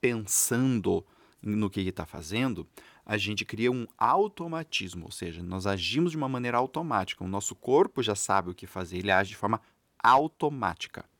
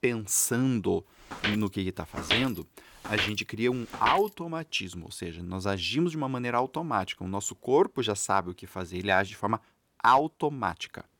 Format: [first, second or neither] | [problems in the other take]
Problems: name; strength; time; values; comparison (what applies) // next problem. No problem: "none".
first | footsteps; loud; from 1.5 to 4 s; peak 1 dB above the speech